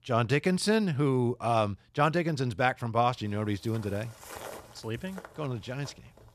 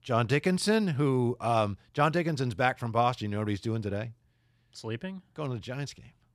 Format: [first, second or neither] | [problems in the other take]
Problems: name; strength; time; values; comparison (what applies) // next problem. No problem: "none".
second | footsteps; faint; from 3 s on; peak 10 dB below the speech